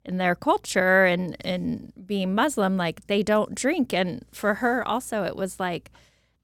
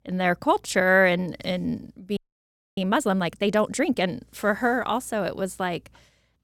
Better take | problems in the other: first | audio freezing; at 2 s for 0.5 s

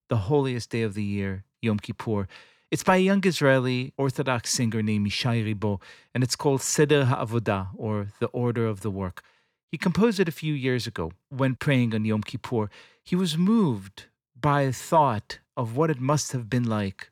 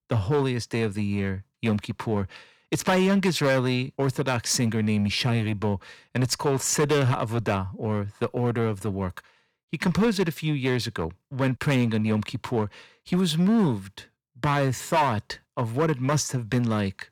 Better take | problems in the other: first | distortion; slight; 8% of the sound clipped

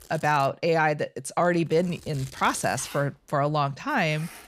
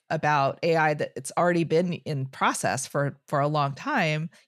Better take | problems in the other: second | household noises; noticeable; throughout; 20 dB below the speech

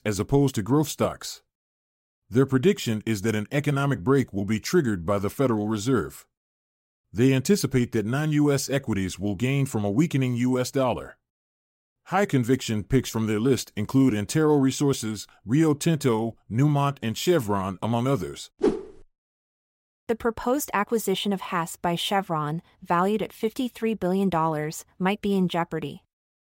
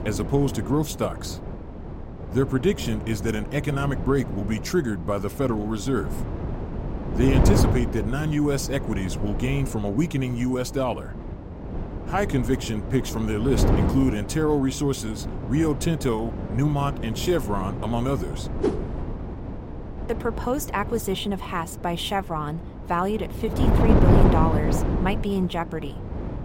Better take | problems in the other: first | wind noise on the microphone; heavy; 6 dB below the speech

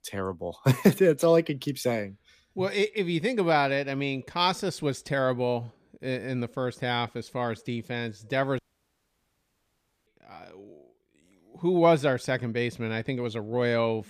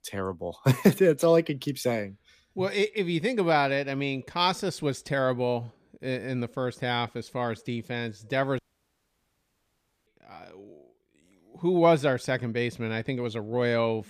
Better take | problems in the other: neither | audio cutting out; at 8.5 s for 1.5 s; the same in both

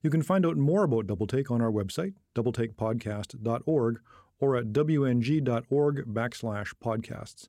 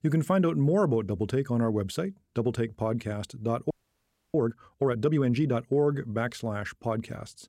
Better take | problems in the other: first | audio freezing; at 3.5 s for 0.5 s

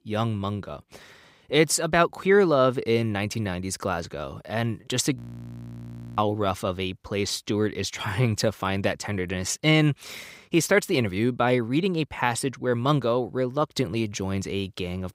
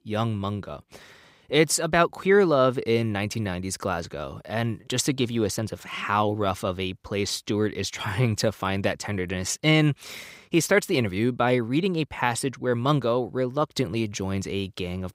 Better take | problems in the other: second | audio freezing; at 5 s for 1 s

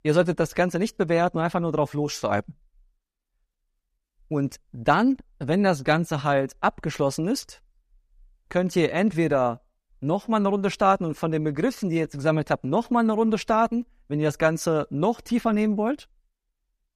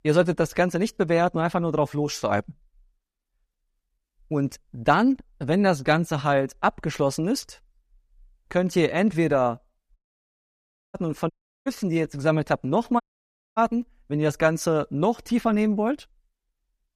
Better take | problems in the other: first | audio cutting out; at 10 s for 1 s, at 11 s and at 13 s for 0.5 s

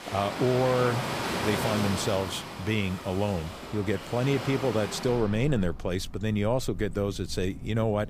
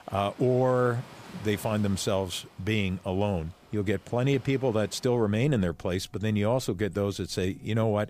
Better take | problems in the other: second | rain or running water; loud; throughout; 7 dB below the speech; faint in the second

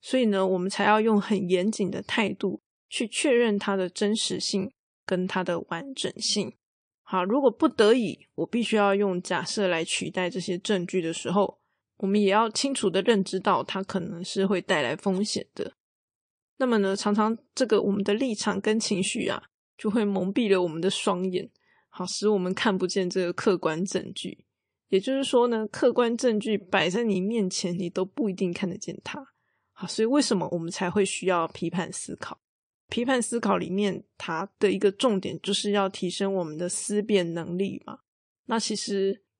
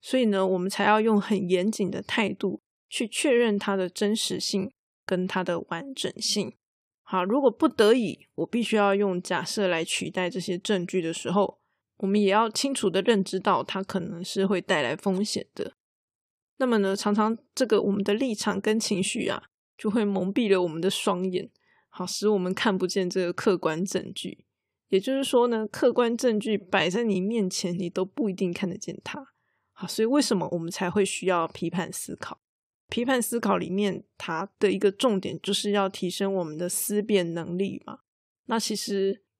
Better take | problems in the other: second | garbled, watery; slightly; nothing above 9 kHz

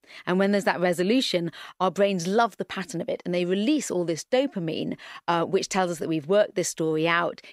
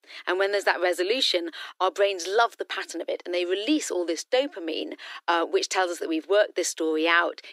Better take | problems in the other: first | thin; somewhat; fading below 300 Hz

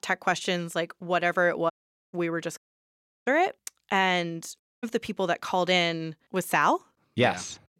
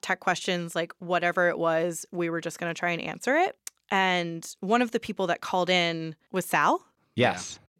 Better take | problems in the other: second | audio cutting out; at 1.5 s, at 2.5 s for 0.5 s and at 4.5 s

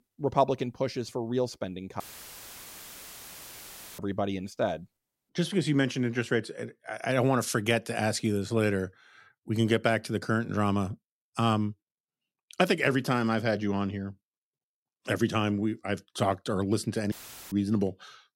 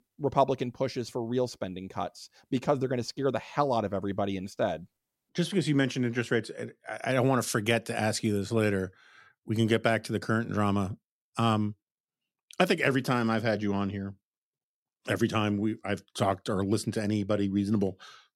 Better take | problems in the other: second | audio cutting out; filled with static; at 2 s for 2 s and at 17 s

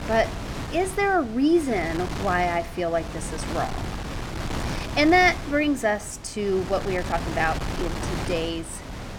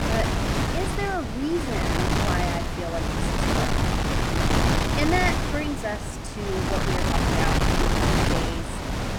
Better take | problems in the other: first | wind noise on the microphone; heavy; 3 dB above the speech; occasional gusts in the first

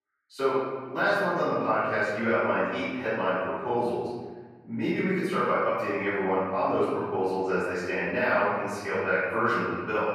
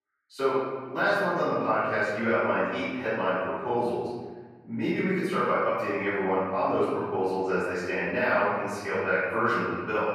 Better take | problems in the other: neither | off-mic speech; far; the same in both // room echo; strong; dies away in 1.4 s; the same in both

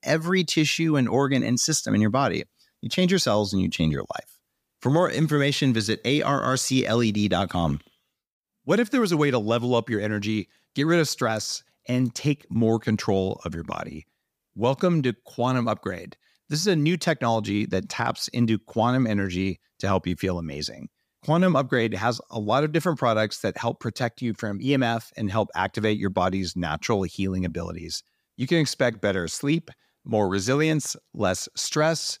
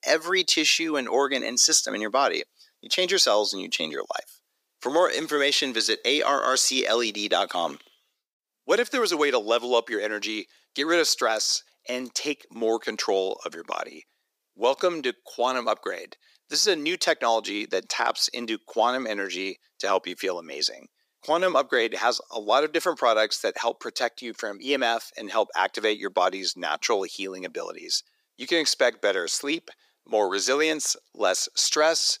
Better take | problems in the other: first | thin; very; fading below 350 Hz

